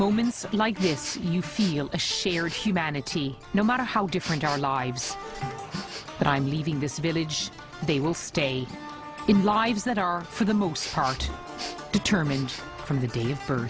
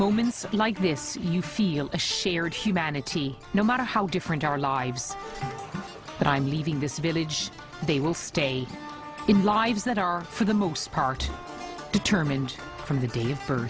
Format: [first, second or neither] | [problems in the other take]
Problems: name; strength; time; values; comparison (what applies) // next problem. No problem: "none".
second | background sound (Respiratory sounds); 16 dB below the speech